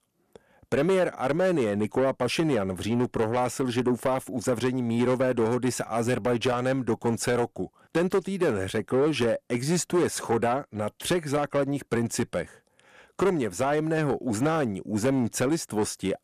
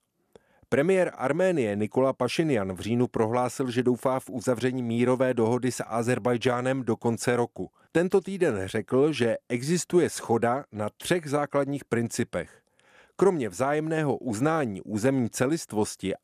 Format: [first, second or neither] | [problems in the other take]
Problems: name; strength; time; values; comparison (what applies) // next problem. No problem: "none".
second | distortion; slight; 10 dB below the speech